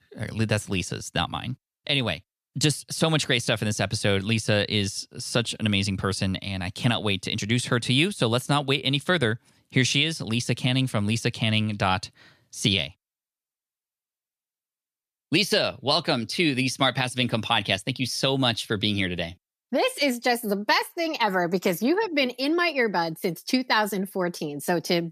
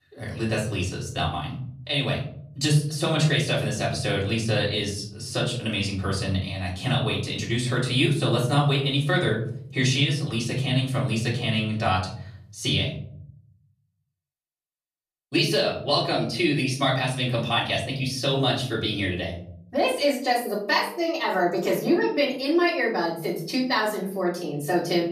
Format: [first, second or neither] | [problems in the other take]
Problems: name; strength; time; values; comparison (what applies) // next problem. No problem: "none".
first | off-mic speech; far // room echo; slight; dies away in 0.7 s